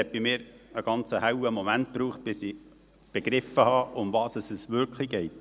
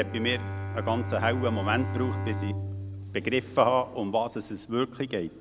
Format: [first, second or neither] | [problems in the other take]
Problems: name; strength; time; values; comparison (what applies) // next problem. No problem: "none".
first | background sound (Bowed string instrument); 5 dB below the speech